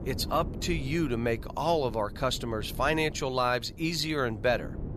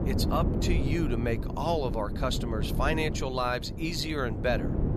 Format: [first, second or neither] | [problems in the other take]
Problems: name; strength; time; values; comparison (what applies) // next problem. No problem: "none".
first | wind noise on the microphone; heavy; 8 dB below the speech; occasional gusts in the first